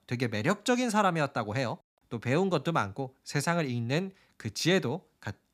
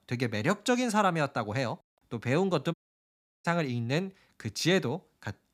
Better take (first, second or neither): first